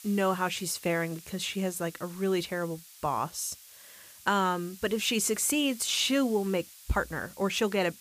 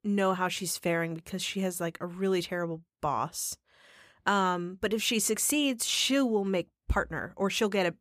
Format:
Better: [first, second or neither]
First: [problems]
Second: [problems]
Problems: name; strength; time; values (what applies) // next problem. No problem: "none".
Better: second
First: hiss; noticeable; throughout; 20 dB below the speech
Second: none